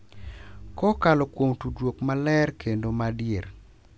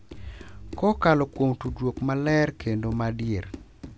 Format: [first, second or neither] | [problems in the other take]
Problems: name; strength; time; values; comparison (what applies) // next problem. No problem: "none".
first | background sound (Run); 19 dB below the speech